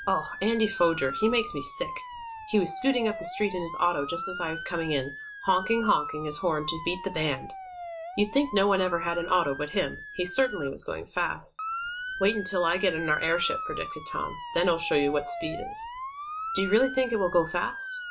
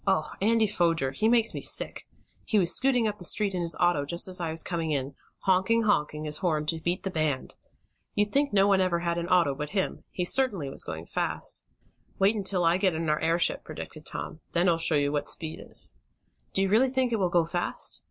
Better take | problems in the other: second | background sound (Motor vehicle (road) / Siren); 9 dB below the speech // room echo; dies away in 0.2 s

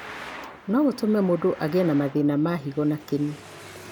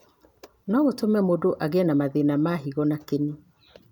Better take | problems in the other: second | background sound (Traffic noise, roadway noise); 18 dB below the speech

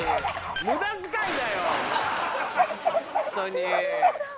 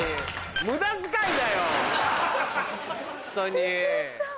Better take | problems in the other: second | background sound (Bark); as loud as the speech

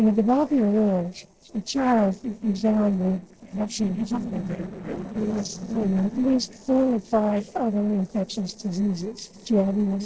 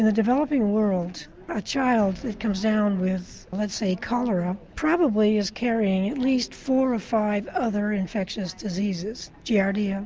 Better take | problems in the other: second | noise reduction (neural separator model SepFormer DNS4)

